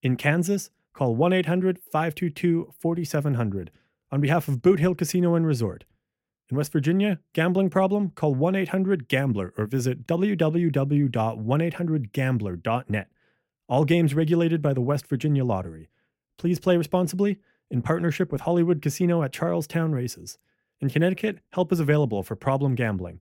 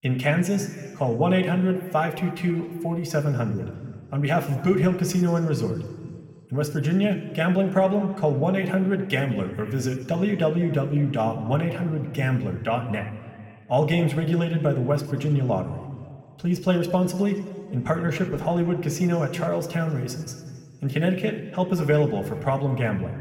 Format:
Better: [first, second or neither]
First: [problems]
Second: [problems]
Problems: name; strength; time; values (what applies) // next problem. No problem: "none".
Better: first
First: none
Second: room echo; slight; dies away in 1.7 s